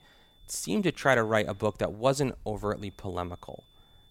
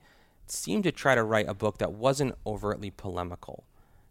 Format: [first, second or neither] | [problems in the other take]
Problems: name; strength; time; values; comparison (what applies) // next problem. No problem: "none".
second | high-pitched whine; faint; until 1.5 s and from 3 s on; 3.5 kHz, 35 dB below the speech